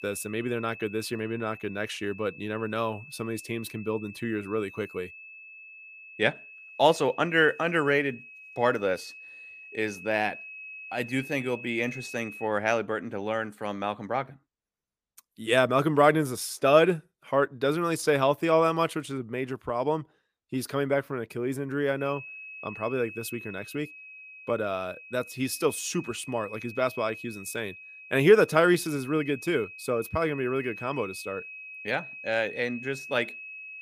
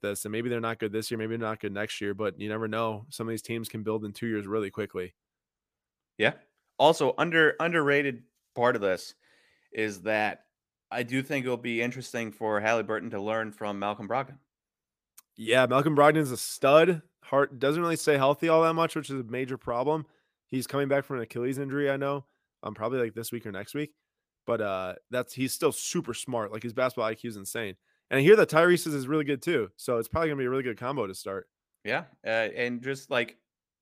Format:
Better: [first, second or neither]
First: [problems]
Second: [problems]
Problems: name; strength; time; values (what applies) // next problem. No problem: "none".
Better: second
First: high-pitched whine; noticeable; until 12 s and from 22 s on; 2.5 kHz, 15 dB below the speech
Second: none